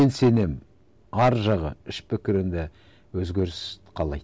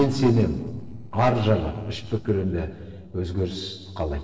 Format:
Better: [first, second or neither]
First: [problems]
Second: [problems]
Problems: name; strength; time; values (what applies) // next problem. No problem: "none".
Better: first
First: none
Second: noise reduction (neural separator model SepFormer DNS4)